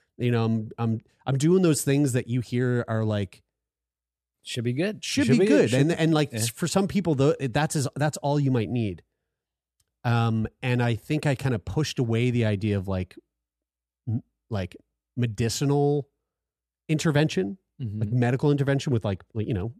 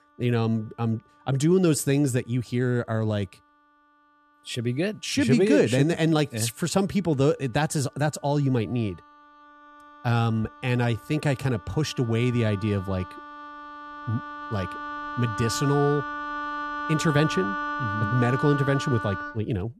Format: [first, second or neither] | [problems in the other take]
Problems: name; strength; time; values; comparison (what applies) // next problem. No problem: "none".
first | background music; loud; throughout; 7 dB below the speech